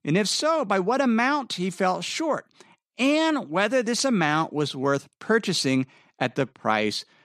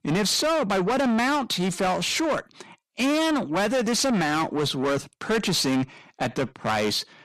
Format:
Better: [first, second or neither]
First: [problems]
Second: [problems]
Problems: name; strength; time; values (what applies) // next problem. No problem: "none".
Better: first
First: none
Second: distortion; heavy; 7 dB below the speech